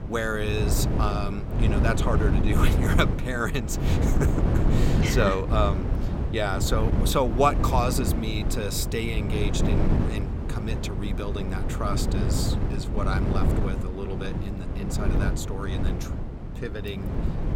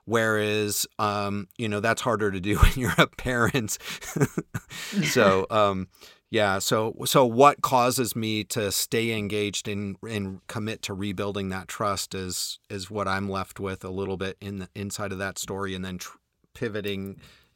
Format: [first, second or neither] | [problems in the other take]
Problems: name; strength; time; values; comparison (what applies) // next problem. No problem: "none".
second | wind noise on the microphone; heavy; 5 dB below the speech